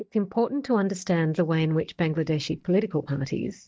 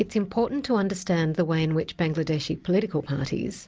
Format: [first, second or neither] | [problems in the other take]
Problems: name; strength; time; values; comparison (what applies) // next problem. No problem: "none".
second | noise reduction (neural mask model DeepFilterNet 3)